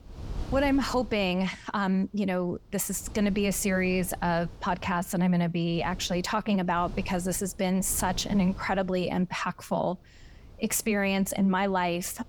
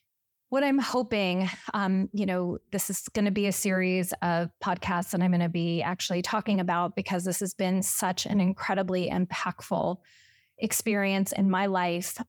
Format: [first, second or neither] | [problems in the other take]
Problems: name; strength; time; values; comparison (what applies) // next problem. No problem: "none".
second | wind noise on the microphone; occasional gusts; 25 dB below the speech